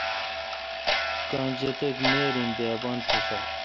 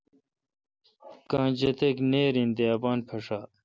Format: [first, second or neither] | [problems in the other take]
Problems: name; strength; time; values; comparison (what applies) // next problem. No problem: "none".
second | background sound (Clock); 2 dB above the speech